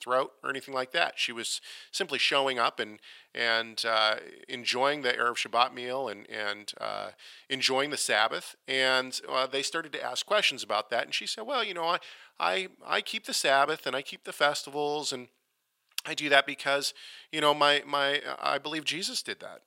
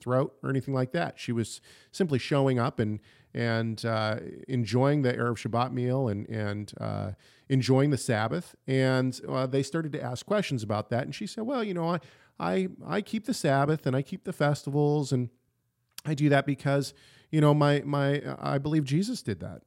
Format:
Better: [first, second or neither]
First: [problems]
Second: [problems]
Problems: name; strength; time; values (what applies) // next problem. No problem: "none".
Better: second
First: thin; very; fading below 750 Hz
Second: none